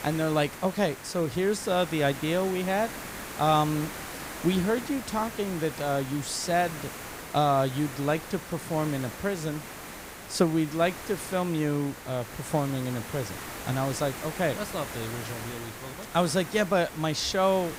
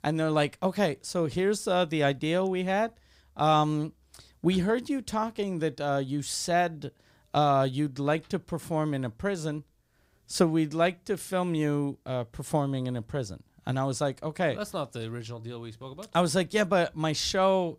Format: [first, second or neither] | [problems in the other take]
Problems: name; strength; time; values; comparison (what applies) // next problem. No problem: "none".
second | hiss; noticeable; throughout; 10 dB below the speech